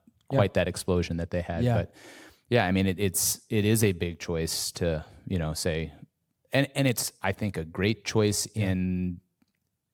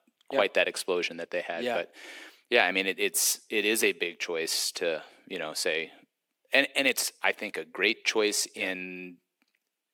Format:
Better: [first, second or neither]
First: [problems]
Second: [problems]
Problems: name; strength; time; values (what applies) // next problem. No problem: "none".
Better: first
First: none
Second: thin; somewhat; fading below 300 Hz